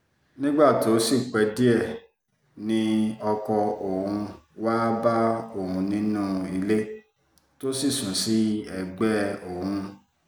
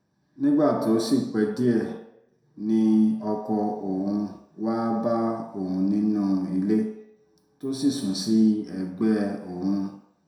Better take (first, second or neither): first